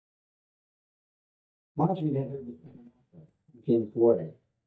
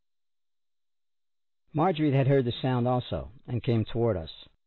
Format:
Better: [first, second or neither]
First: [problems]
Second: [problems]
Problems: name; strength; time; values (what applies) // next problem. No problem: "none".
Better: second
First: noise reduction (neural mask model DeepFilterNet 3)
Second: none